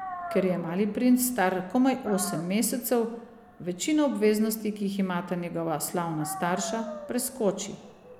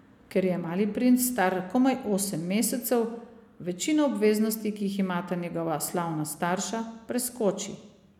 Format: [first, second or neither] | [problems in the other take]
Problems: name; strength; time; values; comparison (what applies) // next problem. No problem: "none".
second | background sound (Dog); 15 dB below the speech